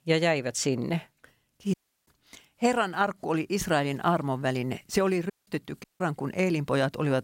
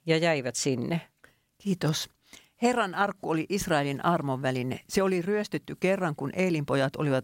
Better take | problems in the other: second | audio cutting out; at 1.5 s, at 5.5 s and at 6 s

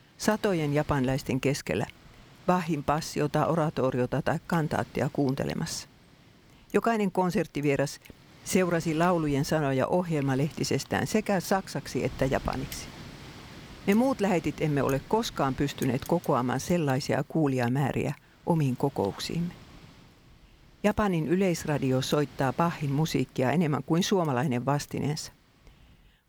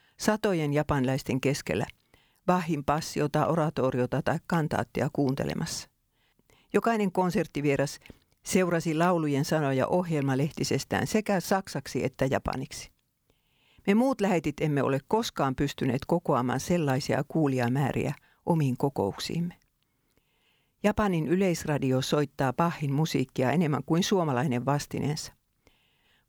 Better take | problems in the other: second | wind noise on the microphone; occasional gusts; 20 dB below the speech

